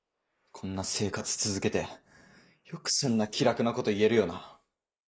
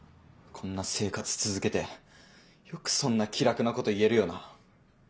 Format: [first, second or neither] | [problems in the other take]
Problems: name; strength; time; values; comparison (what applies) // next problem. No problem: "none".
second | noise reduction (neural mask model Resemble Enhance denoiser)